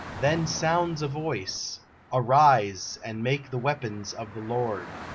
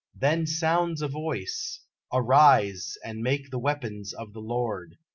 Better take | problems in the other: second | background sound (Traffic noise, roadway noise / Car); 16 dB below the speech

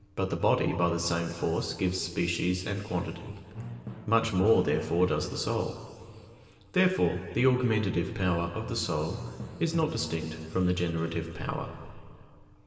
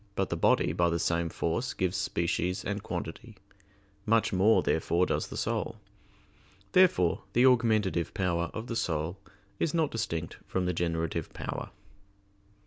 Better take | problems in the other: second | background sound (Drum); 17 dB below the speech // room echo; dies away in 2.3 s

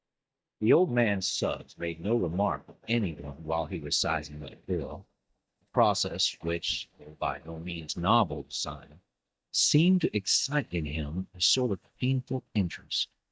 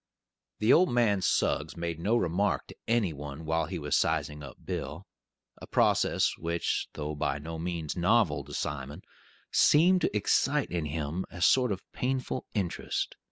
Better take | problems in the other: second | noise reduction (neural mask model DeepFilterNet 3)

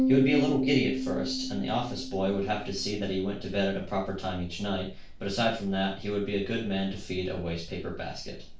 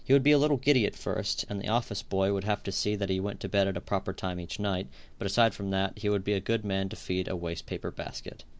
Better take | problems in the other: second | background sound (Piano); 5 dB below the speech // room echo; dies away in 0.3 s

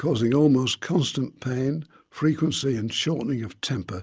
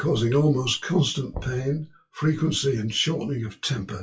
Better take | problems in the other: first | noise reduction (classical method WPE with log-MMSE)

